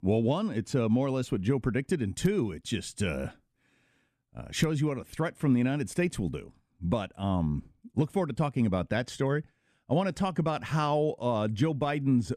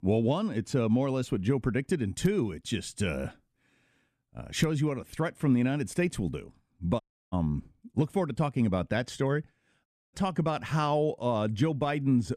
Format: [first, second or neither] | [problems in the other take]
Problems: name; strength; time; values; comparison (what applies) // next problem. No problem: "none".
first | audio cutting out; at 7 s and at 10 s